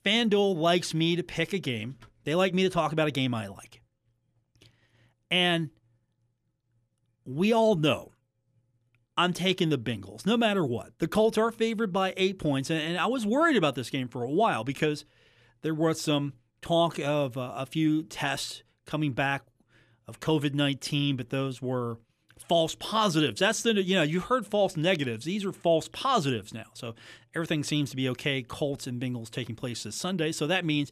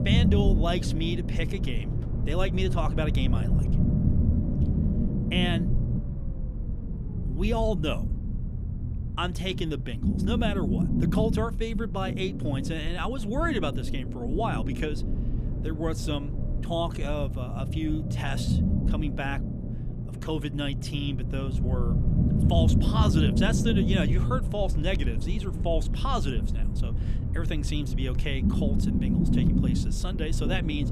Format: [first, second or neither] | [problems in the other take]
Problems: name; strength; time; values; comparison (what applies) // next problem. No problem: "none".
first | low rumble; loud; throughout; 5 dB below the speech